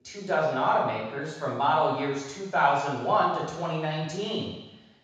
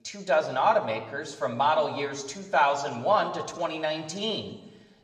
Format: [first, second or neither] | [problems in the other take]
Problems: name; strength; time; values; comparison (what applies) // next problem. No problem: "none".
second | room echo; strong; dies away in 1.1 s; slight in the second // off-mic speech; far; somewhat distant in the second